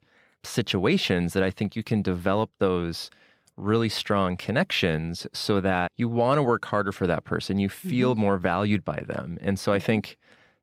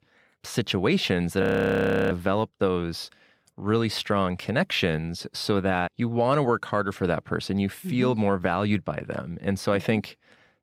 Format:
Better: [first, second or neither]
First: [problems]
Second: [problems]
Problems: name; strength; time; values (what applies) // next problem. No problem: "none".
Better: first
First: none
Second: audio freezing; at 1.5 s for 0.5 s